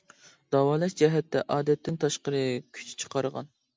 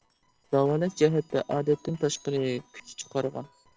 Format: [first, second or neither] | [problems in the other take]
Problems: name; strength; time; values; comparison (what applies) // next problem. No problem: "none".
first | noise reduction (neural separator model SepFormer DNS4)